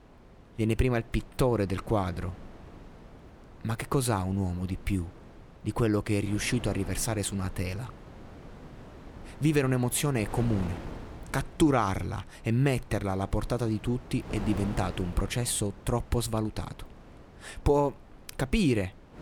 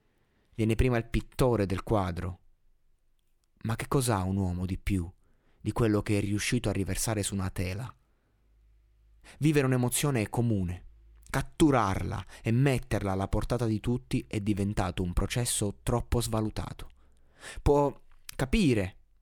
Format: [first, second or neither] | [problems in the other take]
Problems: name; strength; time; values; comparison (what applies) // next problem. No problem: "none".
second | wind noise on the microphone; occasional gusts; 15 dB below the speech